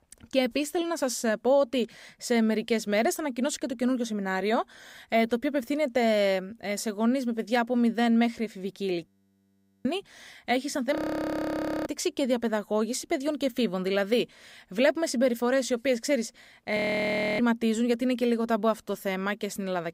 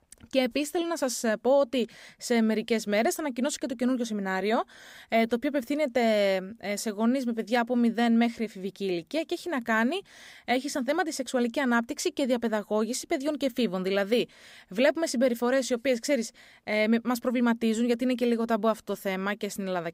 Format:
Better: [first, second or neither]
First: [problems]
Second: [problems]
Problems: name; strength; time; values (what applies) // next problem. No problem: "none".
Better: second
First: audio freezing; at 9 s for 1 s, at 11 s for 1 s and at 17 s for 0.5 s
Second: none